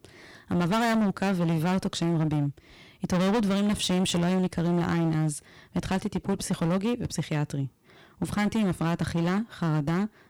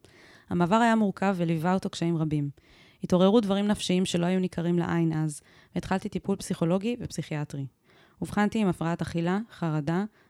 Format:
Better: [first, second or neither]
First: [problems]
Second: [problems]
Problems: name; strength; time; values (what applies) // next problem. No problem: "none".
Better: second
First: distortion; heavy; 19% of the sound clipped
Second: none